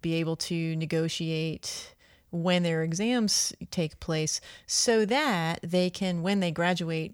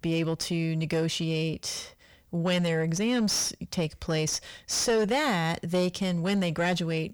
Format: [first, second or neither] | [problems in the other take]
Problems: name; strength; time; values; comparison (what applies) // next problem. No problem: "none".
first | distortion; slight; 10 dB below the speech